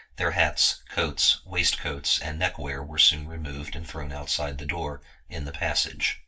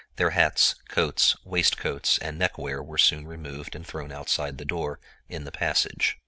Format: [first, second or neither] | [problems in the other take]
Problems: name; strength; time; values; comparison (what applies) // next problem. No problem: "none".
second | room echo; dies away in 0.2 s